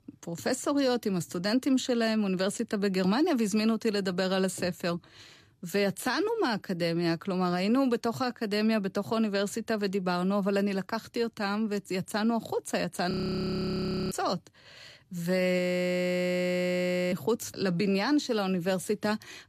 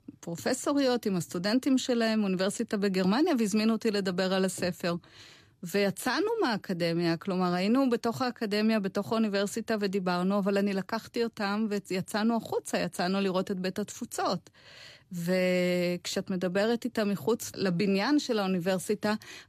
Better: second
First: audio freezing; at 13 s for 1 s and at 16 s for 1.5 s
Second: none

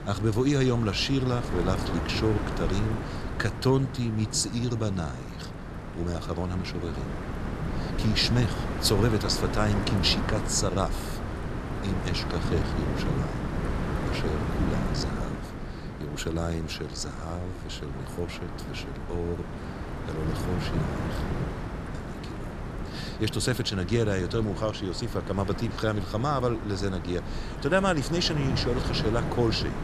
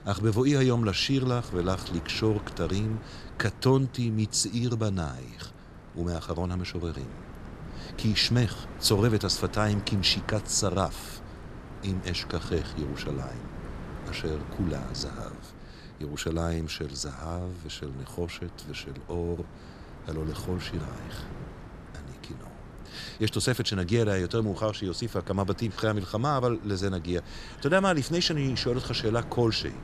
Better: second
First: wind noise on the microphone; heavy; 6 dB below the speech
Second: wind noise on the microphone; occasional gusts; 15 dB below the speech

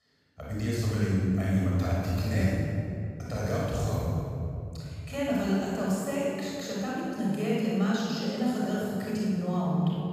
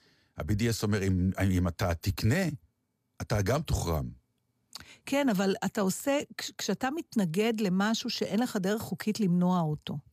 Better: second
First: off-mic speech; far // room echo; strong; dies away in 2.9 s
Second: none

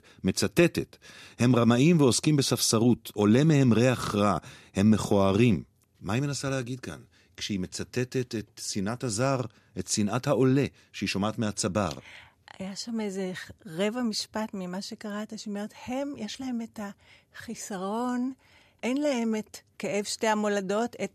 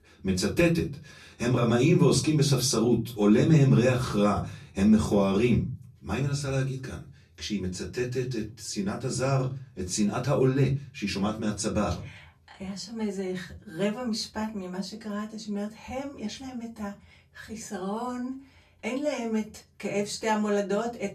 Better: first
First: none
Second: off-mic speech; far // room echo; very slight; dies away in 0.4 s

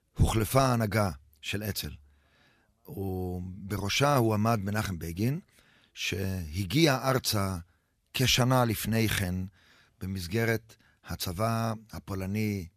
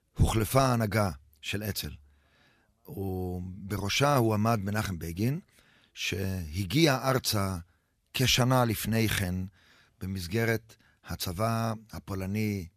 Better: neither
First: none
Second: none

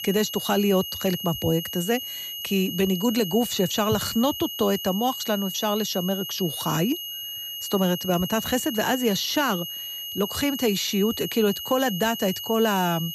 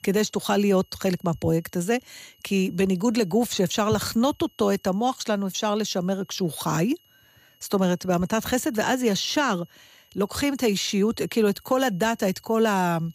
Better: second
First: high-pitched whine; loud; throughout; 3 kHz, 7 dB below the speech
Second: high-pitched whine; faint; throughout; 3 kHz, 35 dB below the speech

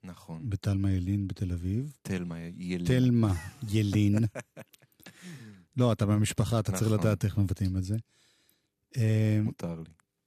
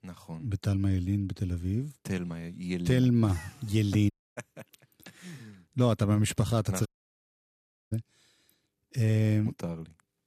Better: first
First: none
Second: audio cutting out; at 4 s and at 7 s for 1 s

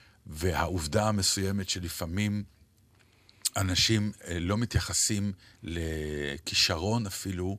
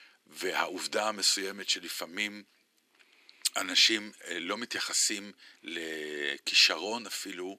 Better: first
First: none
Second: thin; somewhat; fading below 300 Hz

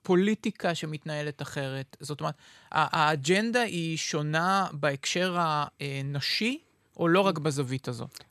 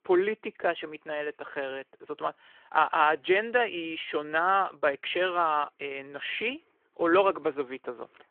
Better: first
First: none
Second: phone-call audio

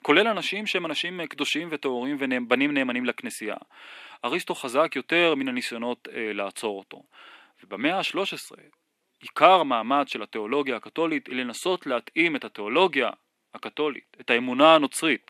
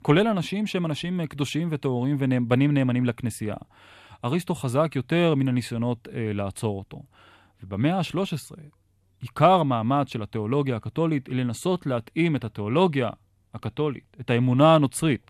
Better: second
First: thin; somewhat; fading below 250 Hz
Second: none

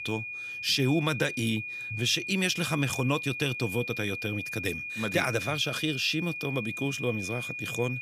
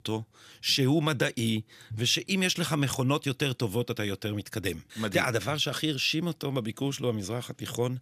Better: second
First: high-pitched whine; loud; throughout; 2.5 kHz, 5 dB below the speech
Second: none

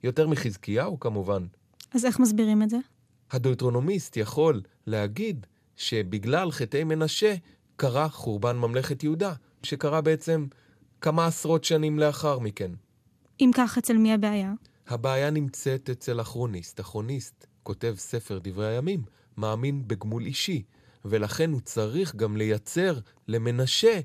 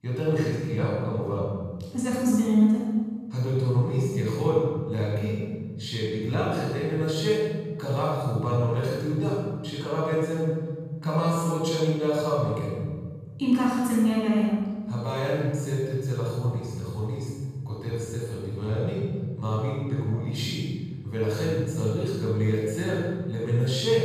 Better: first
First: none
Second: off-mic speech; far // room echo; strong; dies away in 1.9 s

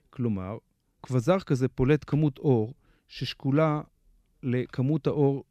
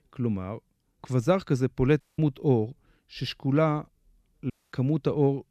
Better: first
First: none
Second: audio cutting out; at 2 s and at 4.5 s

